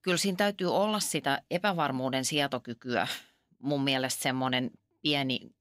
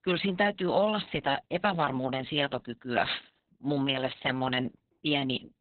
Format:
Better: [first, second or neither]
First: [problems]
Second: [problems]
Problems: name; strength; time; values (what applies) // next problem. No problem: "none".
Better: first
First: none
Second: garbled, watery; badly; nothing above 4 kHz